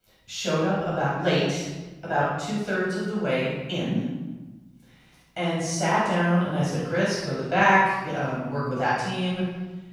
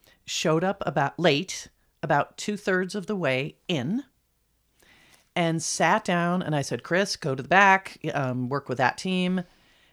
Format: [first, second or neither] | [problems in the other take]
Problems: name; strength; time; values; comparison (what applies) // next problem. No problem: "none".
second | off-mic speech; far // room echo; strong; dies away in 1.1 s